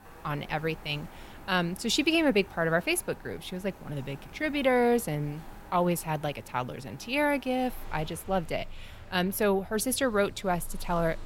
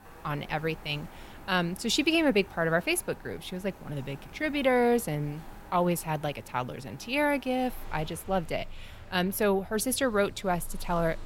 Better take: neither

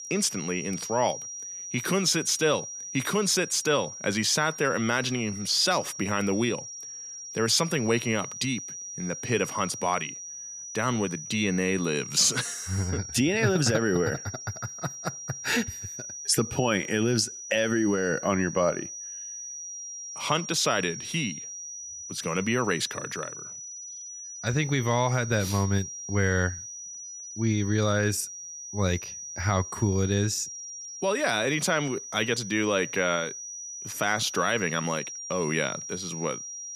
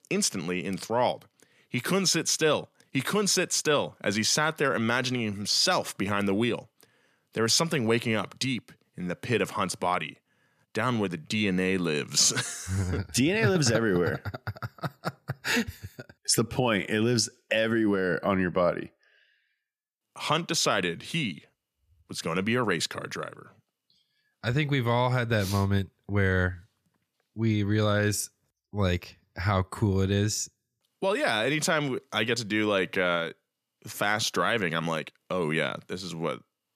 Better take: second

